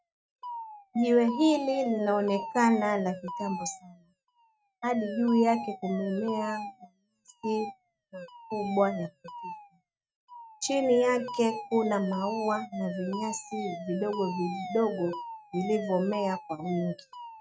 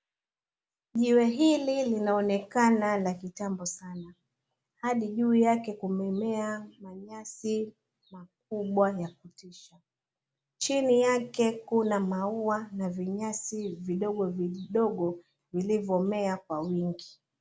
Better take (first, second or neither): second